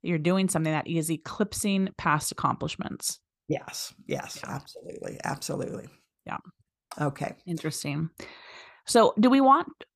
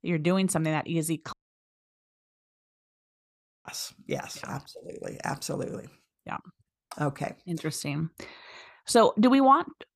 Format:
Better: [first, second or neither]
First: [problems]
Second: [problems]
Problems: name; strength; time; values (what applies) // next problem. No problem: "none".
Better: first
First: none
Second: audio cutting out; at 1.5 s for 2.5 s